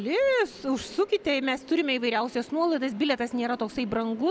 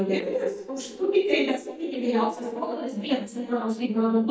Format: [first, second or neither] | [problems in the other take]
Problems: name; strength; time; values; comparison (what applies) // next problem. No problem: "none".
first | noise reduction (neural mask model DeepFilterNet 3)